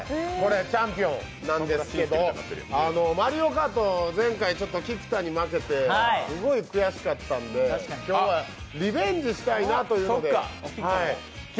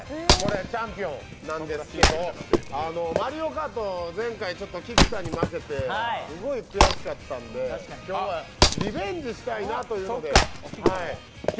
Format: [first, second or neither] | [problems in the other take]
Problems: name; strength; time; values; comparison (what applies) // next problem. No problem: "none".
first | background sound (Wood); 3 dB above the speech